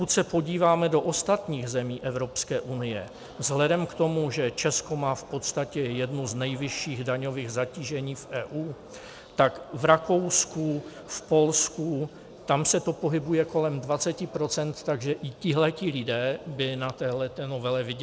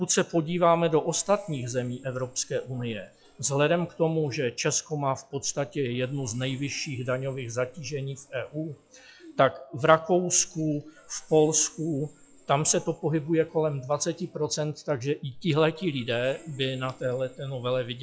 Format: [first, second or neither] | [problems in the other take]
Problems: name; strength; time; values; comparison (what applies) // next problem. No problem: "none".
first | noise reduction (classical method log-MMSE)